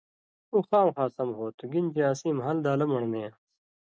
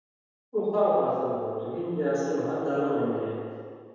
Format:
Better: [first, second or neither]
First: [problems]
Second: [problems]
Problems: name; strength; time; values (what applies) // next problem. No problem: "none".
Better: first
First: none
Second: room echo; dies away in 1.9 s